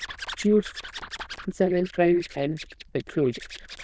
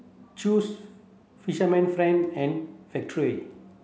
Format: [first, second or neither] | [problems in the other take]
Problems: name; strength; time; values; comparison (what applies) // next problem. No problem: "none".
second | noise reduction (neural diffusion model UNIVERSE++)